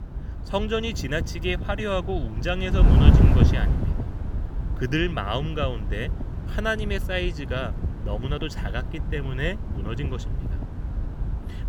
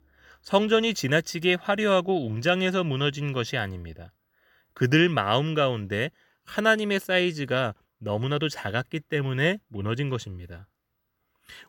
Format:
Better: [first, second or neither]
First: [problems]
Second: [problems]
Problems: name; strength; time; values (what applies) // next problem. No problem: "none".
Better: second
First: wind noise on the microphone; heavy; 7 dB below the speech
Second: none